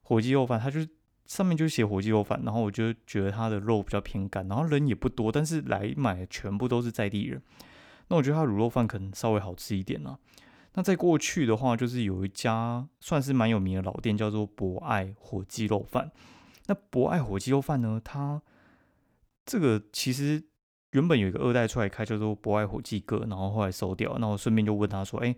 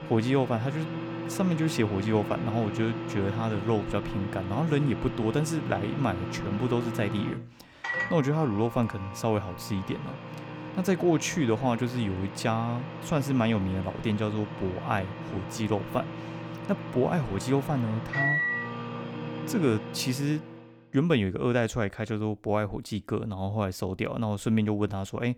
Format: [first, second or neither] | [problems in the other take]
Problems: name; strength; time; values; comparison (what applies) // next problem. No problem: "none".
first | household noises; loud; until 20 s; 6 dB below the speech